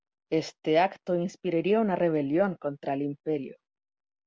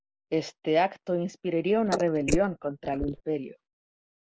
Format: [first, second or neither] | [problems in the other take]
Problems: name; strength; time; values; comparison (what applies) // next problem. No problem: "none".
first | noise reduction (neural mask model Resemble Enhance denoiser)